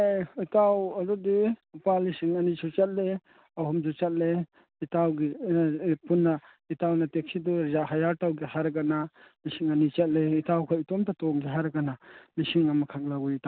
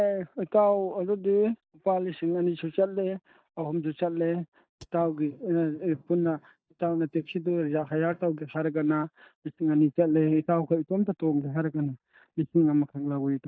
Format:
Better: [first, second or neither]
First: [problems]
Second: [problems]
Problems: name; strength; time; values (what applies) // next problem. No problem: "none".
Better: first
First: none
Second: noise reduction (neural mask model DeepFilterNet 3)